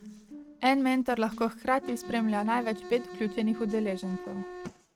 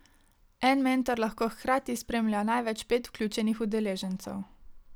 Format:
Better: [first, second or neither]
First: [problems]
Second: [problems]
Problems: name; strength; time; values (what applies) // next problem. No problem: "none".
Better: second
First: noise reduction (neural mask model RNNoise)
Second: none